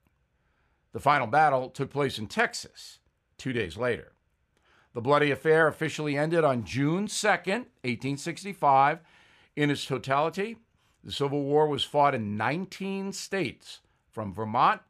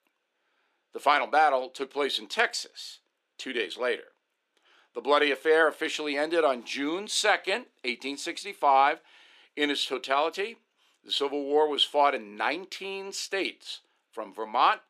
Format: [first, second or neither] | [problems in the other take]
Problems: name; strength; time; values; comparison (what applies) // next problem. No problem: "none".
first | thin; somewhat; fading below 300 Hz